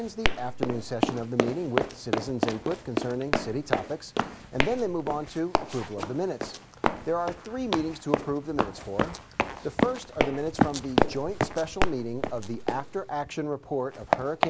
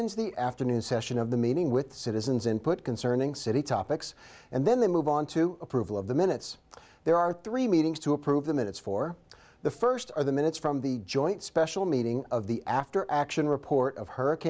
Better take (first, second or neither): second